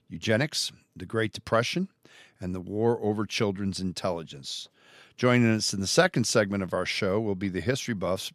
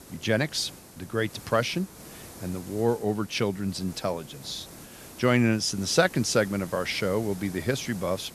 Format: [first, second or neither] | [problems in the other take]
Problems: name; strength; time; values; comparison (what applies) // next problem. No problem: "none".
first | hiss; noticeable; throughout; 15 dB below the speech